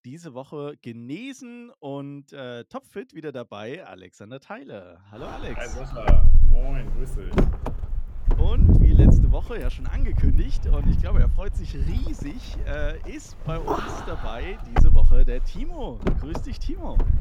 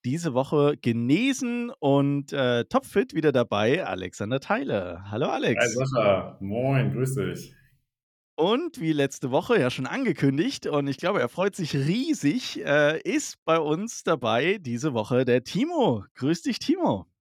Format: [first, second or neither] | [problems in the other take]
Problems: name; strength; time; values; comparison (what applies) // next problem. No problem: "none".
second | wind noise on the microphone; heavy; from 5 s on; 4 dB above the speech